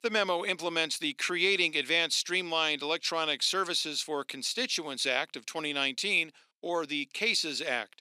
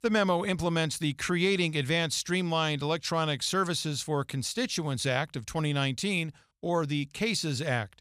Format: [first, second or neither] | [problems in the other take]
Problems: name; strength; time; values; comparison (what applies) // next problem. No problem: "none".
second | thin; somewhat; fading below 250 Hz